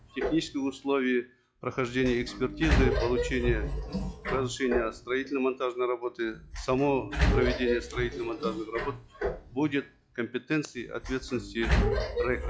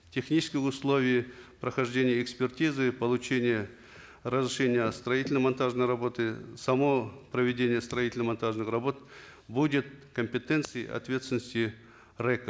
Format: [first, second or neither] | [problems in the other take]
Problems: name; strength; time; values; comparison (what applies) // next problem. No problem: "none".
second | noise reduction (classical method log-MMSE)